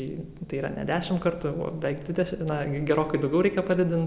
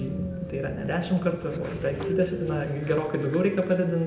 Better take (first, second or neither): first